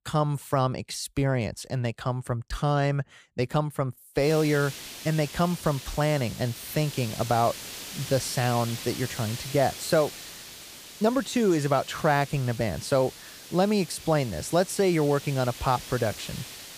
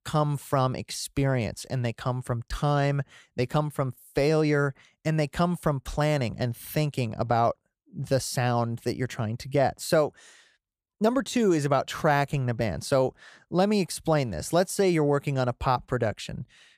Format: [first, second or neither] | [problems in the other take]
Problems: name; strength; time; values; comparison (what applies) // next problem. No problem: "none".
second | hiss; noticeable; from 4 s on; 10 dB below the speech